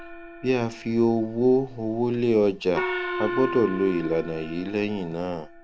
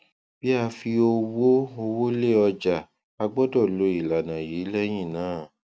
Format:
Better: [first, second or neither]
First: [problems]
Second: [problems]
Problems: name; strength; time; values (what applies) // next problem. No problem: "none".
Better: second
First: background sound (Gong); 9 dB below the speech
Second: none